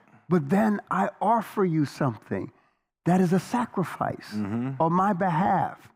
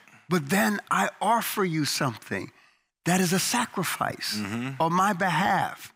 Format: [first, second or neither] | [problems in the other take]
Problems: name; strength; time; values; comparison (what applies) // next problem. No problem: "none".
second | muffled; very; fading above 1.5 kHz